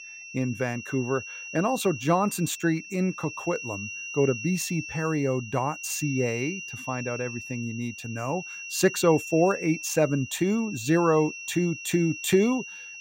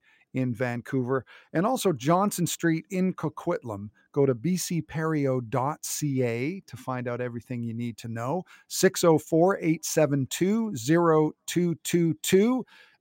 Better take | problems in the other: second | high-pitched whine; loud; throughout; 2.5 kHz, 10 dB below the speech

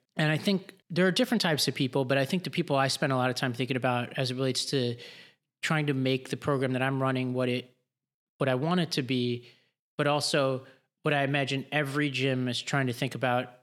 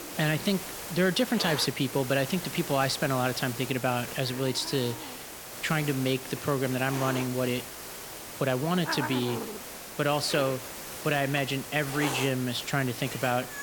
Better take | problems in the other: first | hiss; loud; throughout; 8 dB below the speech

